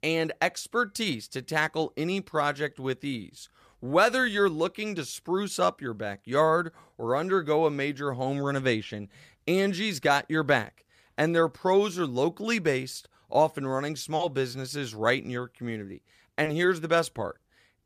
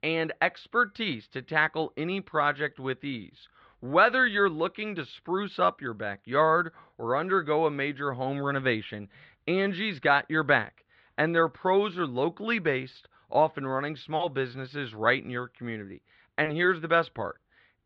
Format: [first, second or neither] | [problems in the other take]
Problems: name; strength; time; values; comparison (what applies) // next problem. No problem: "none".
first | muffled; slightly; fading above 3.5 kHz